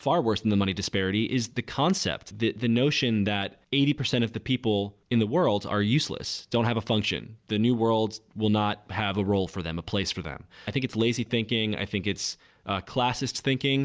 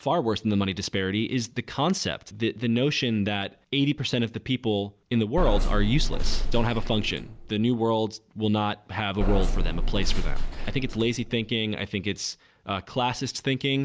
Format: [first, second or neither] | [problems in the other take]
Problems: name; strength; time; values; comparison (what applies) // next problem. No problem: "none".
first | background sound (Bus / Engine); 3 dB above the speech